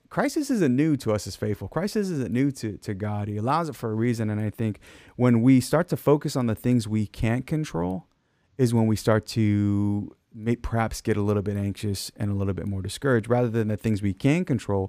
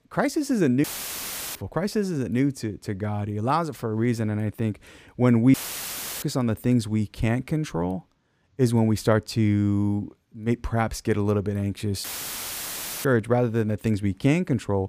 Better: first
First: none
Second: audio cutting out; filled with static; at 1 s for 0.5 s, at 5.5 s for 0.5 s and at 12 s for 1 s

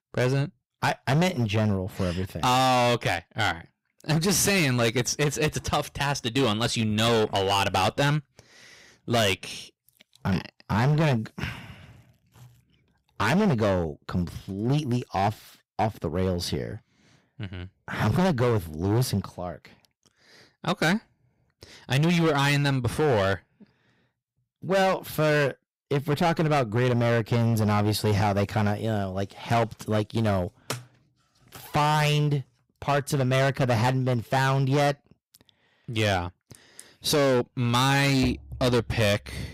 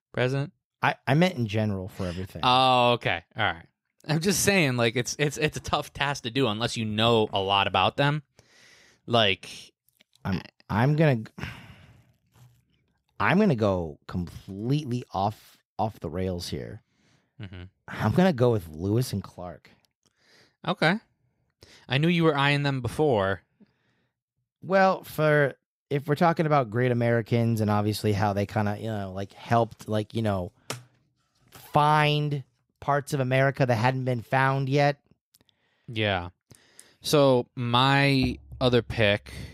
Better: second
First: distortion; heavy; 12% of the sound clipped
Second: none

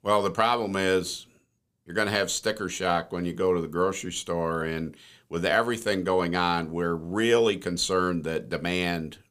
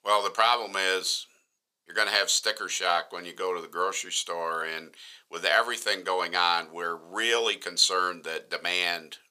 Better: first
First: none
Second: thin; very; fading below 750 Hz

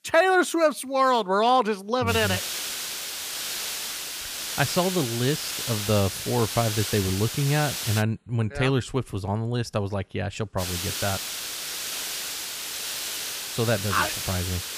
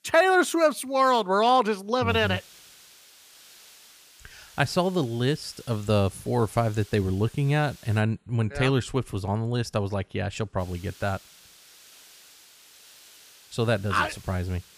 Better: second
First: hiss; loud; from 2 to 8 s and from 11 s on; 4 dB below the speech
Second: hiss; faint; from 2 to 8 s and from 11 s on; 25 dB below the speech

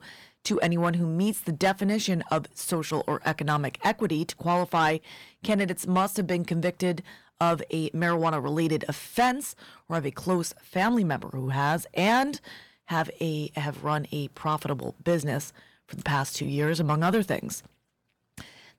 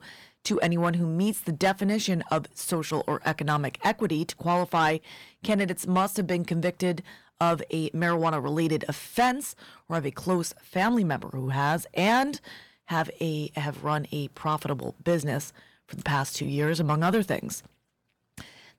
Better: neither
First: distortion; slight; 10 dB below the speech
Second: distortion; slight; 10 dB below the speech

